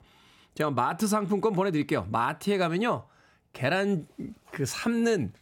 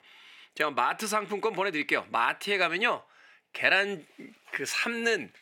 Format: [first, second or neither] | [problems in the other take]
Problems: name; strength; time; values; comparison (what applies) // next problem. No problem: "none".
first | thin; somewhat; fading below 350 Hz